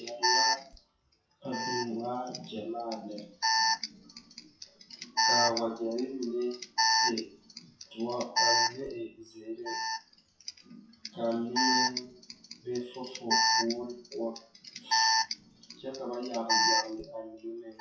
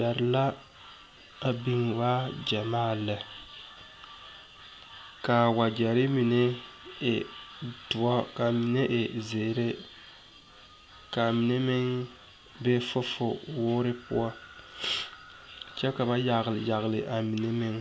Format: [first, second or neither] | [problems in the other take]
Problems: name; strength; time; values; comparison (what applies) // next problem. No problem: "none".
second | noise reduction (classical method WPE with log-MMSE)